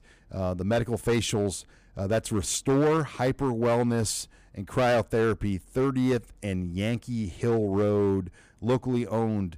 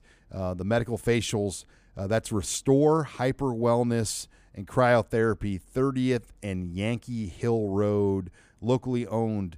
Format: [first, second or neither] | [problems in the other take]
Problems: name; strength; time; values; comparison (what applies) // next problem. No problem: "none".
second | distortion; slight; 7% of the sound clipped